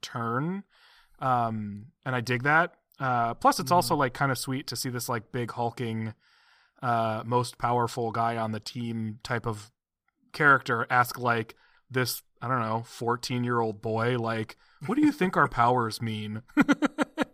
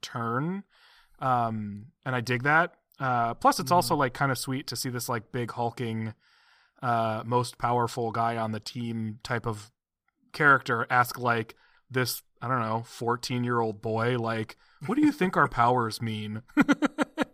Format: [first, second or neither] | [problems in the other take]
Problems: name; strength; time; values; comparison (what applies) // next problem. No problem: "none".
neither | none